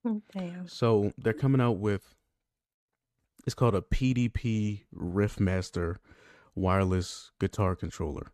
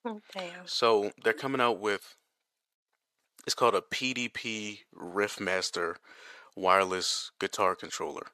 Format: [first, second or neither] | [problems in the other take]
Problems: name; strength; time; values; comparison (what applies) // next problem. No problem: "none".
first | thin; very; fading below 600 Hz